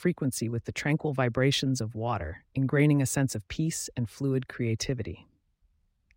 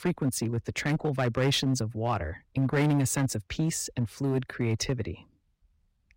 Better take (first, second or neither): first